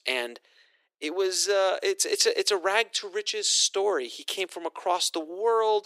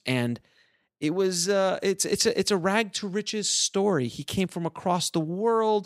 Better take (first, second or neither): second